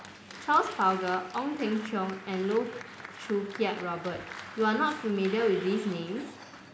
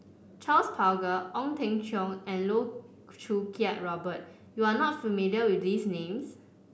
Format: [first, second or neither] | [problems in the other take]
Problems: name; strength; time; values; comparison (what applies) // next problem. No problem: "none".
second | background sound (Applause); 14 dB below the speech